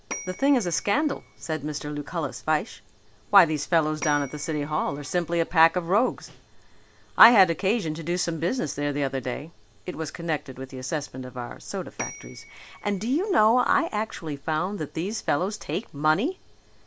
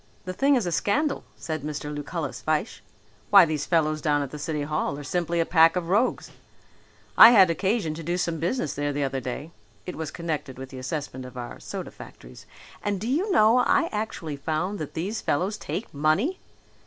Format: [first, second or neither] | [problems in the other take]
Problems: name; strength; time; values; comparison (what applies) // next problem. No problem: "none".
second | background sound (Bell / Telephone); 17 dB below the speech